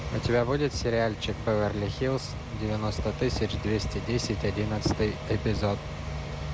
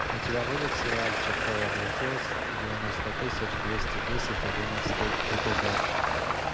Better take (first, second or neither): first